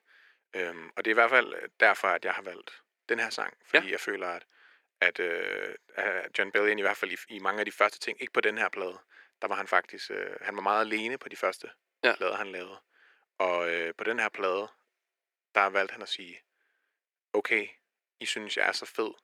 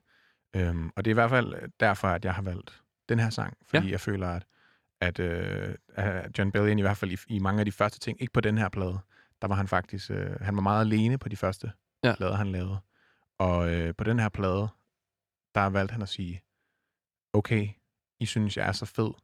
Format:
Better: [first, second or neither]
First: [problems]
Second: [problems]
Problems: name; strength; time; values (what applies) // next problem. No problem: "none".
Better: second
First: thin; very; fading below 350 Hz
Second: none